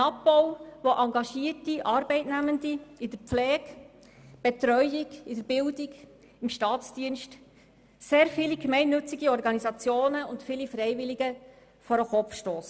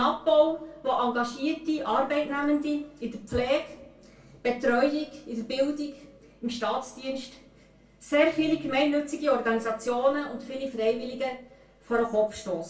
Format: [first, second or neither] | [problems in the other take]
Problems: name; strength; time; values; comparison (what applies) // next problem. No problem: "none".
first | room echo; dies away in 0.3 s